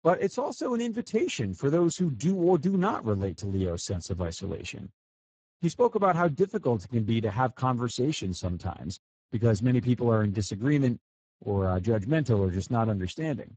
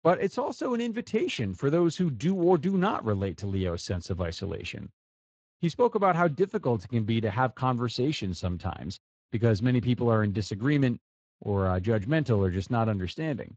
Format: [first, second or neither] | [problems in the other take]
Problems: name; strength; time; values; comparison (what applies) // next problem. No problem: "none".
second | garbled, watery; badly; nothing above 7.5 kHz; slightly in the second